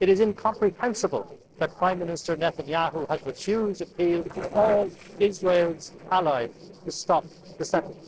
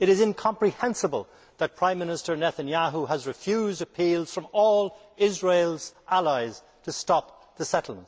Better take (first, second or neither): second